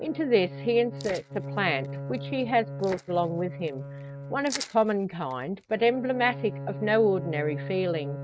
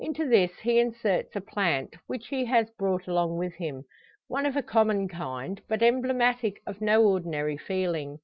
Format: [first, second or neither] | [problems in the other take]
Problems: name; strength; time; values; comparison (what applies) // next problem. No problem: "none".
second | noise reduction (neural mask model RNNoise)